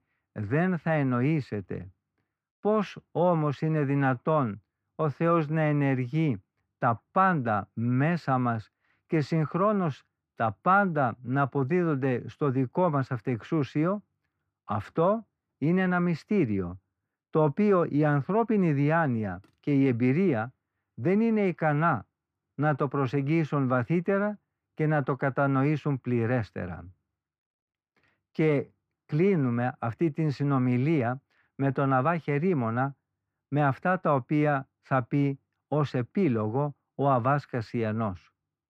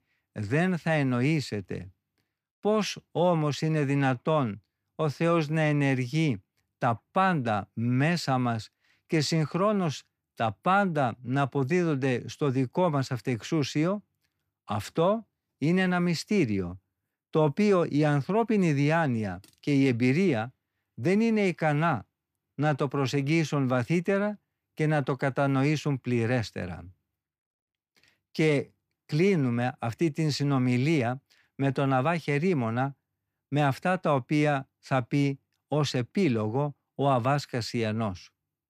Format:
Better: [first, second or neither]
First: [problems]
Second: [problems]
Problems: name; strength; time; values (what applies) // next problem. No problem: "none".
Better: second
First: muffled; very; fading above 3 kHz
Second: none